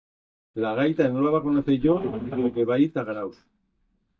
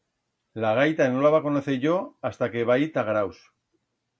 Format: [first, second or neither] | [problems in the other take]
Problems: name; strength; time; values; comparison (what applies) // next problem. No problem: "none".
second | noise reduction (neural mask model DeepFilterNet 3)